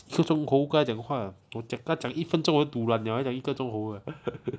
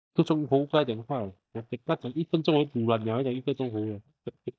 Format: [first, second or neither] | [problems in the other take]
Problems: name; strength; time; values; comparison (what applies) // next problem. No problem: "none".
first | noise reduction (neural mask model DeepFilterNet 3)